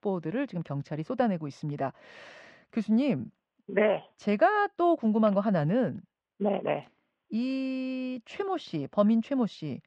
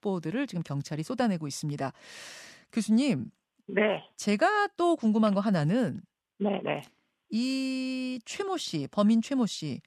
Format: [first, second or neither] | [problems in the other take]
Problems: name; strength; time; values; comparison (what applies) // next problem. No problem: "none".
second | muffled; very; fading above 2.5 kHz